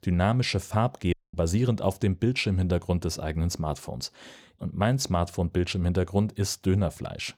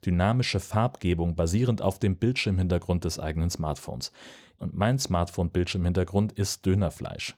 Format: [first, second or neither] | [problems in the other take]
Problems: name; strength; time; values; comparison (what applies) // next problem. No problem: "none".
second | audio cutting out; at 1 s